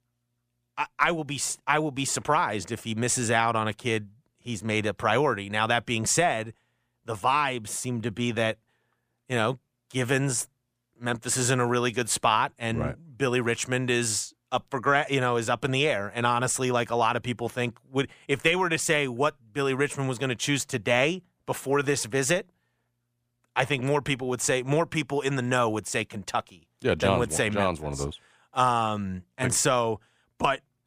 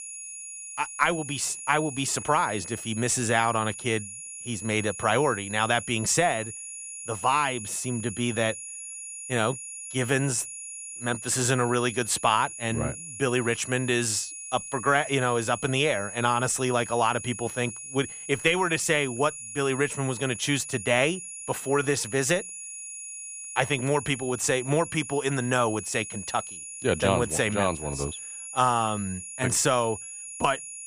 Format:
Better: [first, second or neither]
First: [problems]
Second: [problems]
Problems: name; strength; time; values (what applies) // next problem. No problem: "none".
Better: first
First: none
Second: high-pitched whine; loud; throughout; 10.5 kHz, 10 dB below the speech